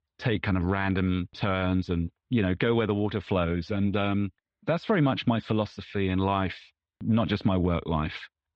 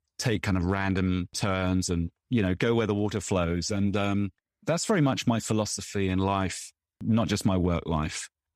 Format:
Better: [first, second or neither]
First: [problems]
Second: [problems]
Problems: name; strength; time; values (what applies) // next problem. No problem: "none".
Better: second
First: muffled; very; fading above 4 kHz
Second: none